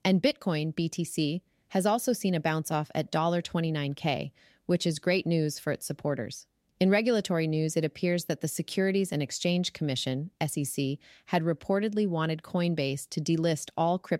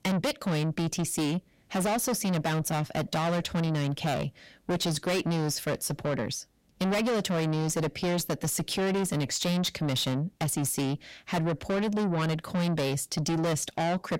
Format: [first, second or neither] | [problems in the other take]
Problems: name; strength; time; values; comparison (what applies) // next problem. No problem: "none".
first | distortion; heavy; 5 dB below the speech